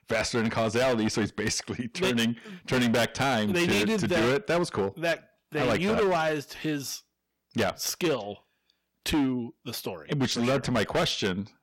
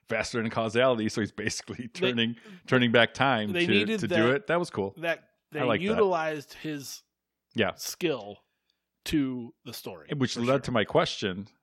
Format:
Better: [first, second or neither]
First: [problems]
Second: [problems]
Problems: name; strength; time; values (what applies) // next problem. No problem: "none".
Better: second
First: distortion; heavy; 14% of the sound clipped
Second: none